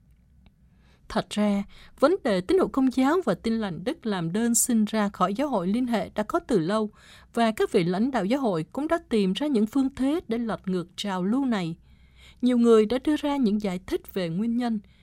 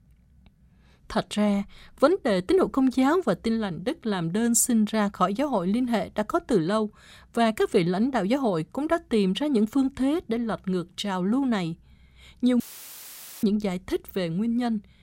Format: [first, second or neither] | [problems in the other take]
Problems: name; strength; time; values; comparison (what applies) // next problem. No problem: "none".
first | audio cutting out; filled with static; at 13 s for 1 s